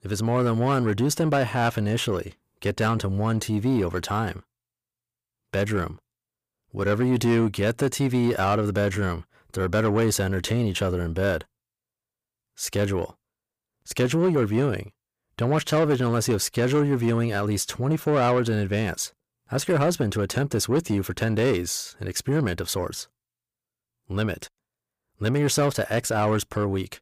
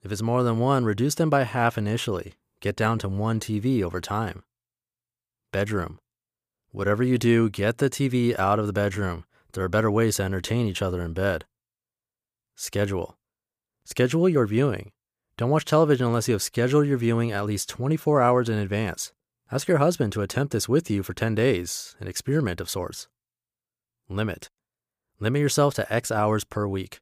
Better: second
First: distortion; slight; 10 dB below the speech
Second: none

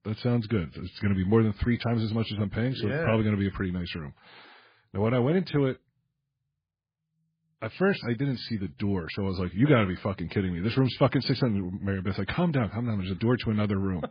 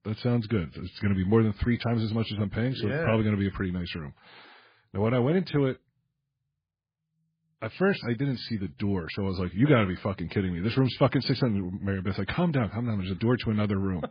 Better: neither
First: garbled, watery; badly; nothing above 4.5 kHz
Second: garbled, watery; badly; nothing above 4.5 kHz

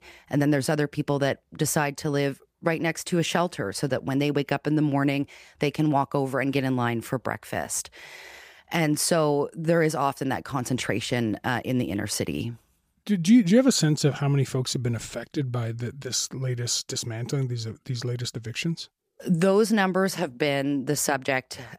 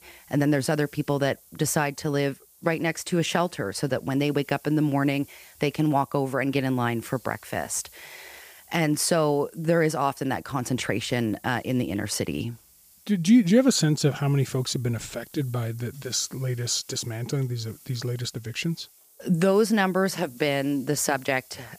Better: first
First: none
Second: hiss; faint; throughout; 25 dB below the speech

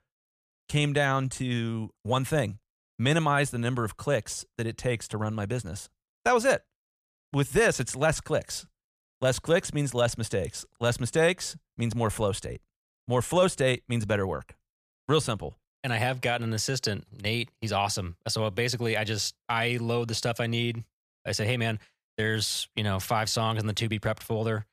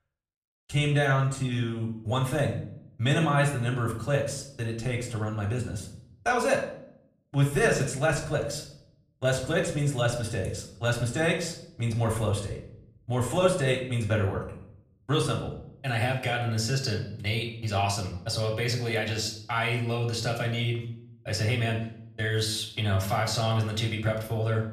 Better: first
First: none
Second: room echo; slight; dies away in 0.6 s // off-mic speech; far

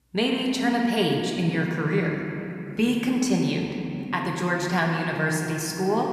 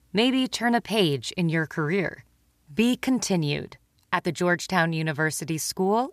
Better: second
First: room echo; noticeable; dies away in 2.8 s // off-mic speech; somewhat distant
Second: none

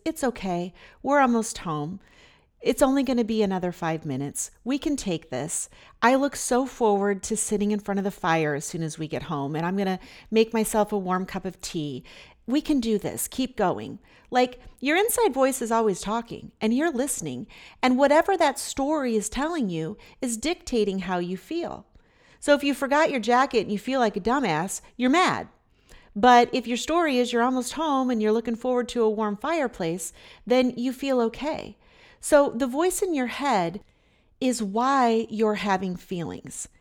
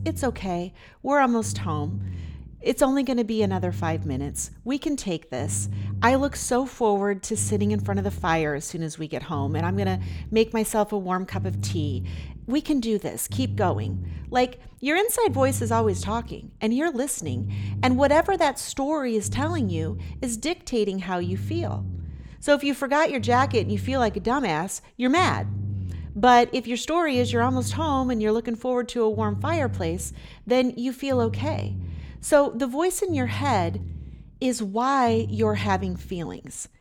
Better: first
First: none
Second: low rumble; faint; throughout; 20 dB below the speech

